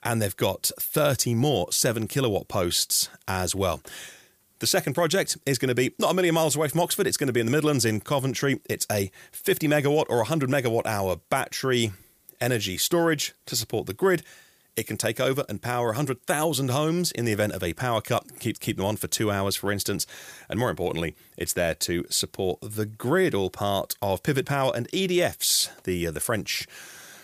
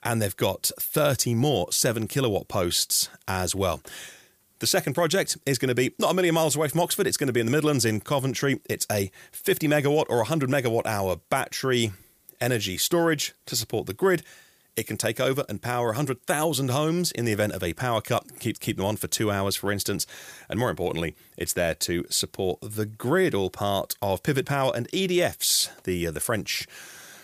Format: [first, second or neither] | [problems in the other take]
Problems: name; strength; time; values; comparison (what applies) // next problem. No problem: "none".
neither | none